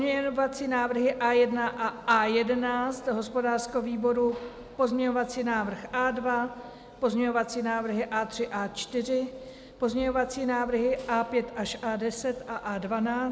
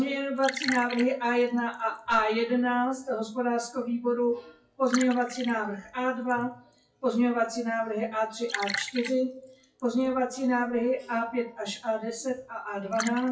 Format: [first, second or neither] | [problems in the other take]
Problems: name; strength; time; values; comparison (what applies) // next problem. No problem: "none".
first | noise reduction (classical method WPE with log-MMSE)